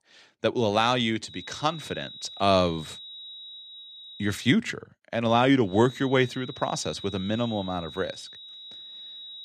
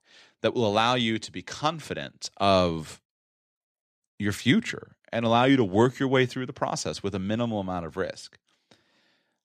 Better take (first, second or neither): second